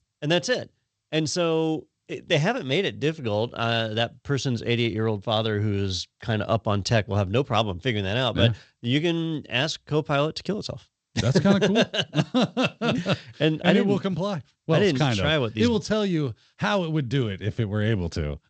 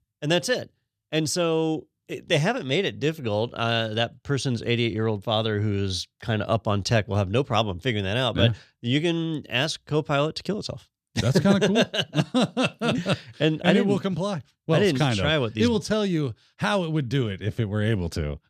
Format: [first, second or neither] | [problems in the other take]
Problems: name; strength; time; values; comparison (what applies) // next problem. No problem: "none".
second | garbled, watery; slightly; nothing above 8 kHz